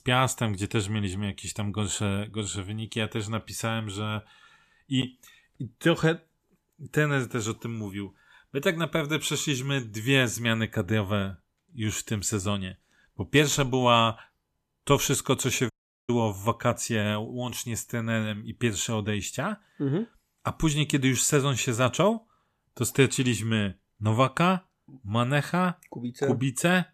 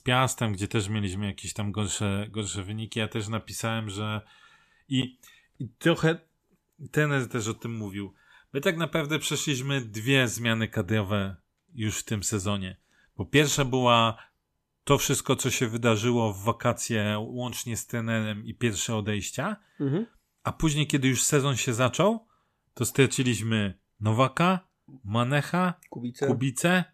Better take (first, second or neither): second